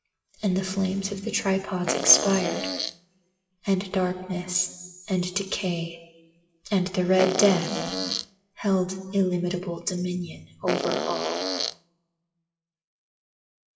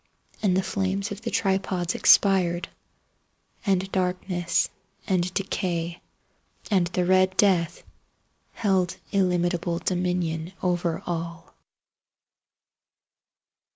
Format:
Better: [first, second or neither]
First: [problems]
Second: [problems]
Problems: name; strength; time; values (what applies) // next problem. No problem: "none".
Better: second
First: noise reduction (classical method WPE with log-MMSE)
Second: none